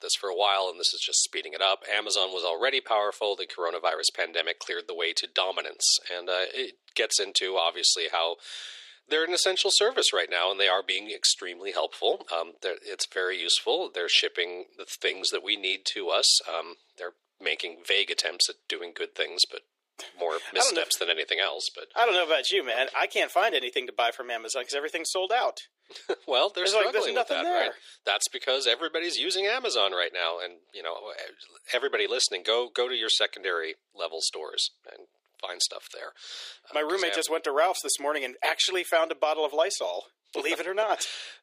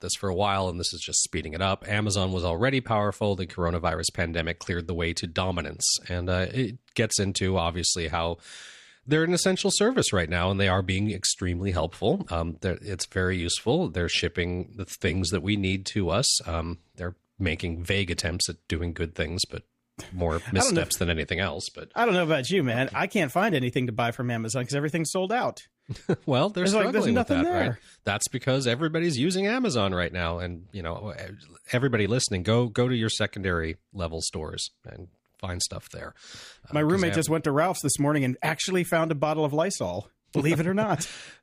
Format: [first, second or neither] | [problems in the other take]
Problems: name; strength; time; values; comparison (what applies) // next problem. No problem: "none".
second | thin; very; fading below 400 Hz